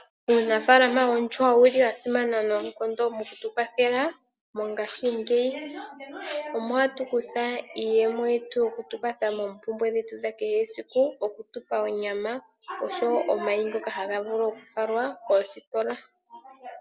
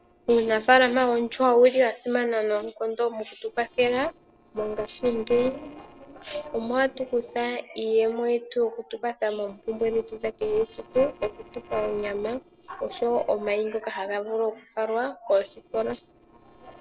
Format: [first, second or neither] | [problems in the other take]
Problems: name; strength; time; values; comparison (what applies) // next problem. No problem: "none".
first | noise reduction (neural separator model SepFormer DNS4)